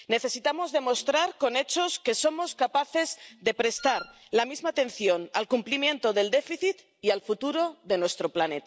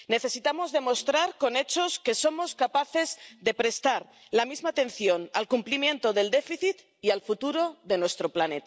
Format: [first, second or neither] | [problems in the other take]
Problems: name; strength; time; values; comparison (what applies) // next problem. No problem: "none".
second | background sound (Wind instrument, woodwind instrument); 15 dB below the speech